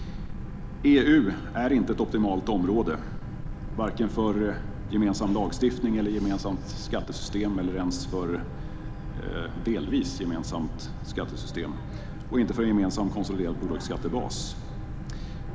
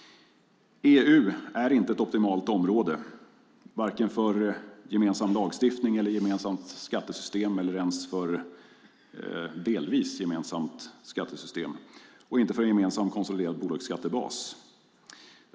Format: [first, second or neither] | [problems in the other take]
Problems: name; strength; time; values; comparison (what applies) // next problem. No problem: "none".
second | background sound (Boat, Water vehicle); 6 dB below the speech